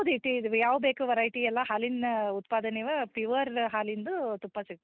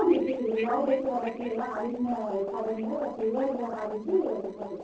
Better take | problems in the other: first | noise reduction (neural separator model SepFormer DNS4)

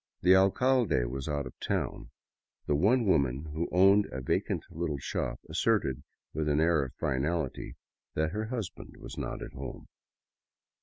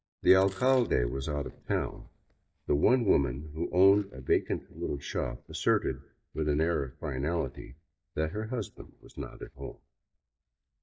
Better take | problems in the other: first | noise reduction (neural mask model DeepFilterNet 3)

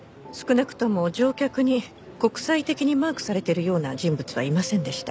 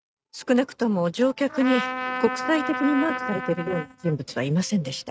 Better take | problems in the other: first | noise reduction (neural mask model RNNoise)

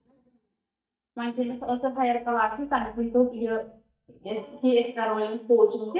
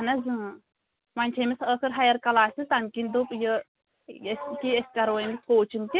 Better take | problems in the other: second | noise reduction (neural mask model DeepFilterNet 3)

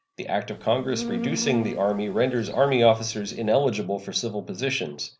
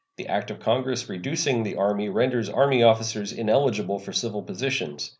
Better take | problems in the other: second | background sound (Insect); 10 dB below the speech

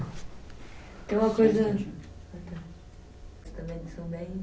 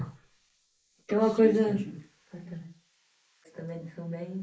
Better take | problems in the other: first | noise reduction (neural mask model Resemble Enhance denoiser)

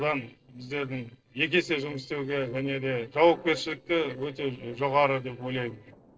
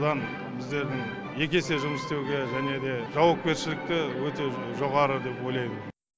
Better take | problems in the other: second | noise reduction (neural separator model SepFormer DNS4)

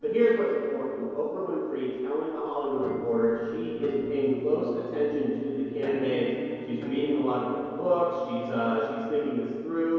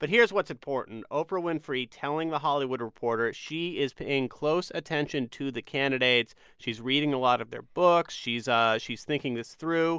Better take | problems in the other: second | noise reduction (neural separator model SepFormer DNS4)

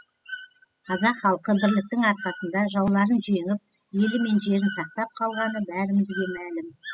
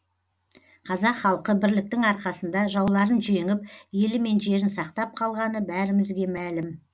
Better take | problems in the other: second | noise reduction (classical method spectral subtraction)

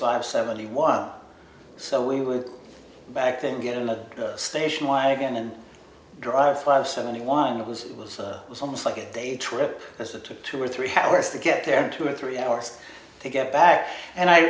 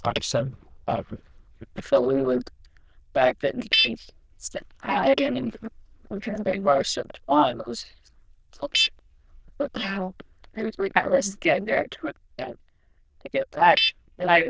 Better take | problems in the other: first | noise reduction (neural diffusion model UNIVERSE++)

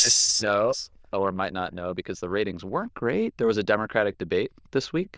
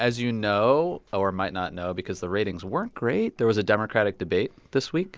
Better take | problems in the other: second | noise reduction (neural diffusion model UNIVERSE++)

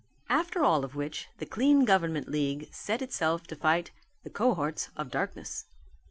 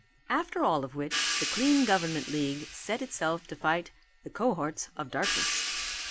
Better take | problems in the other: first | background sound (Crash cymbal / Hi-hat); 5 dB below the speech

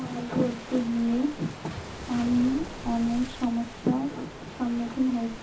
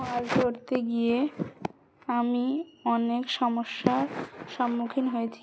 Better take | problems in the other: second | background sound (Waves, surf); 11 dB below the speech // room echo; dies away in 0.4 s

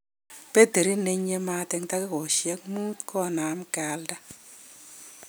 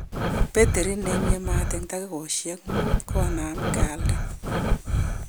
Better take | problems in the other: first | background sound (Breathing); 4 dB above the speech

